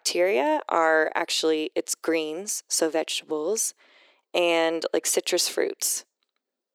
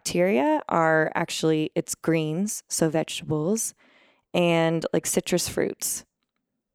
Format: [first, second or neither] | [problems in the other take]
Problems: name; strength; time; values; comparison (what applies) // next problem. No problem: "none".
second | thin; very; fading below 350 Hz